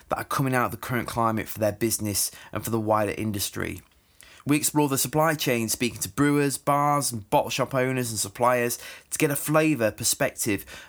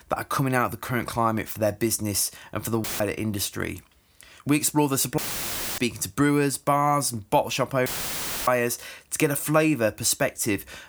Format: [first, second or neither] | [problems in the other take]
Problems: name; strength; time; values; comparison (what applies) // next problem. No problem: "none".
first | audio cutting out; filled with static; at 3 s, at 5 s for 0.5 s and at 8 s for 0.5 s